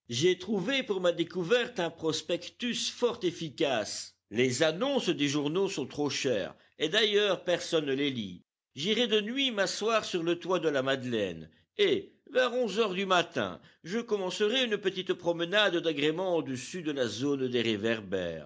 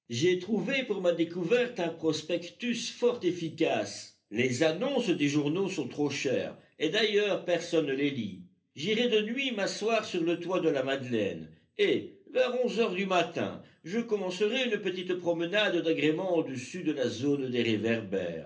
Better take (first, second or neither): first